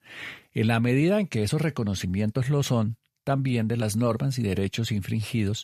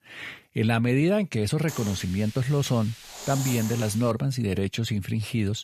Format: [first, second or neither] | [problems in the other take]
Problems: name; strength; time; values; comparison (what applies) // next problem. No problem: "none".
first | hiss; noticeable; from 1.5 to 4 s; 10 dB below the speech